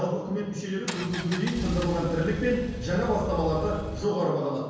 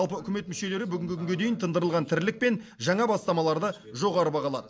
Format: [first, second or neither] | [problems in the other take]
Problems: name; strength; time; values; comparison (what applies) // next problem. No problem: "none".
second | background sound (Engine); 8 dB below the speech // room echo; dies away in 1.2 s